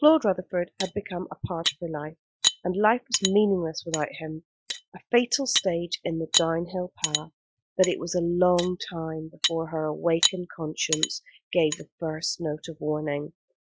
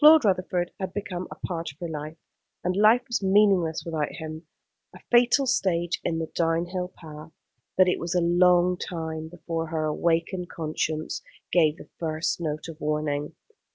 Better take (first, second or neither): second